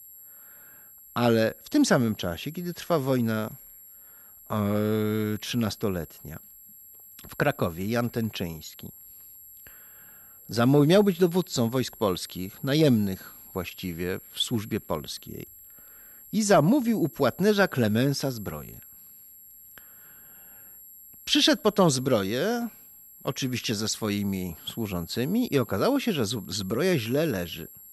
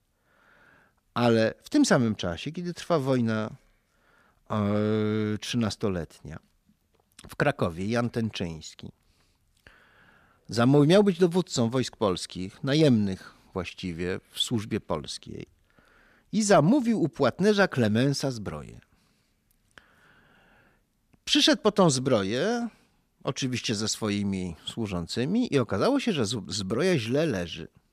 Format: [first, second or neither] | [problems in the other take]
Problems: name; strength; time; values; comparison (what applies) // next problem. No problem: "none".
second | high-pitched whine; noticeable; throughout; 11.5 kHz, 20 dB below the speech